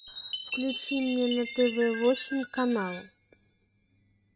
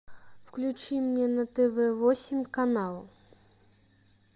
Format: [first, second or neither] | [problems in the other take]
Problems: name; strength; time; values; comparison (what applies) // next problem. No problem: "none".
second | noise reduction (neural mask model RNNoise)